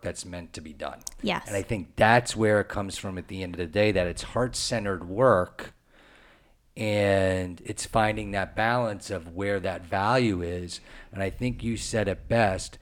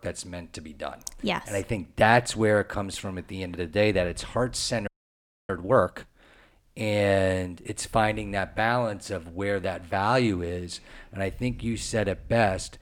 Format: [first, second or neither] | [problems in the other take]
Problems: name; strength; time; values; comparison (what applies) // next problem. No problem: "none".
first | audio freezing; at 5 s for 0.5 s